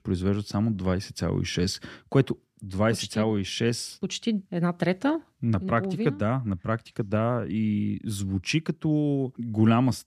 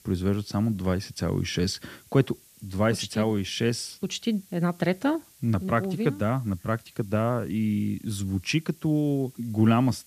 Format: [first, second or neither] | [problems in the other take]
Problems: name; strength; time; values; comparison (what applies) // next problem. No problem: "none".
first | hiss; faint; throughout; 25 dB below the speech